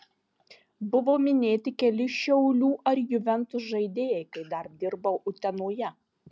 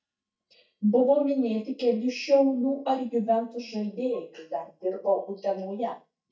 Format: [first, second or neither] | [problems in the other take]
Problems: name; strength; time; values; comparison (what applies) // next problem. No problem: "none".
first | noise reduction (neural mask model DeepFilterNet 3)